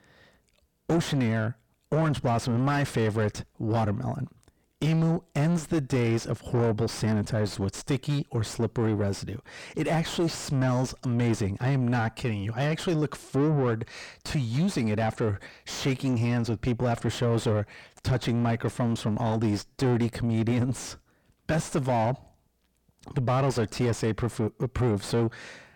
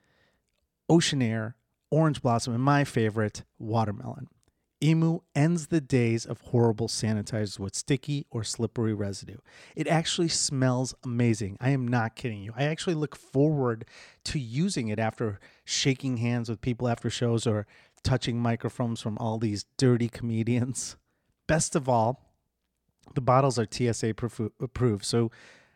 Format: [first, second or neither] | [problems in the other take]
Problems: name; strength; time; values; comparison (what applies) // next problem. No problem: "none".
second | distortion; heavy; 6 dB below the speech